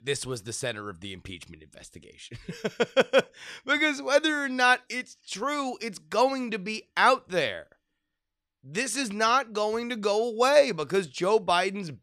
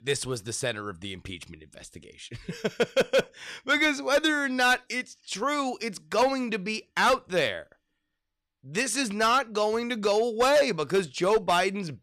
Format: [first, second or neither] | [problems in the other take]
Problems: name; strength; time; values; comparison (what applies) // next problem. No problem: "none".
first | distortion; slight; 3% of the sound clipped